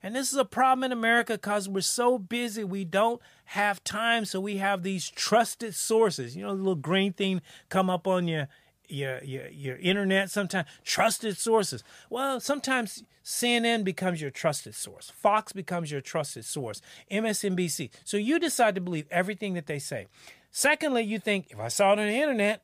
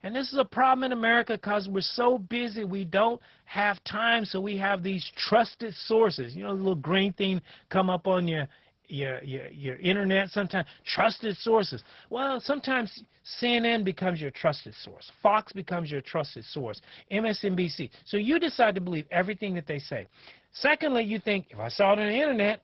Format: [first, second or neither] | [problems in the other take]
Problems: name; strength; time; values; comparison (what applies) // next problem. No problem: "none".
first | garbled, watery; badly; nothing above 5.5 kHz